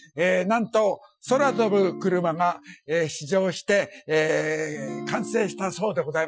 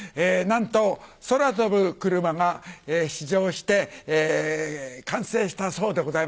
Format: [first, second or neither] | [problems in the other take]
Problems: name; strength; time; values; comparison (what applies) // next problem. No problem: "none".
second | noise reduction (classical method Wiener filter)